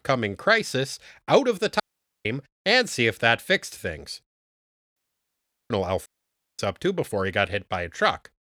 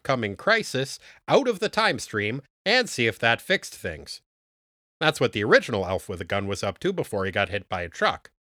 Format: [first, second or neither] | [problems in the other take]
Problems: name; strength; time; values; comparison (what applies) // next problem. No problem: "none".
second | audio cutting out; at 2 s, at 5 s for 0.5 s and at 6 s for 0.5 s